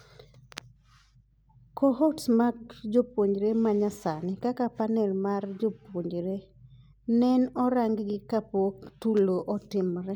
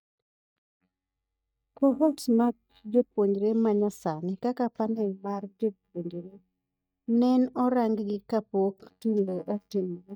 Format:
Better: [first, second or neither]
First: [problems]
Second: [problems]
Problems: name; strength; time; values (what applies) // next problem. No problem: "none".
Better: first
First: none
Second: noise reduction (neural mask model DeepFilterNet 3)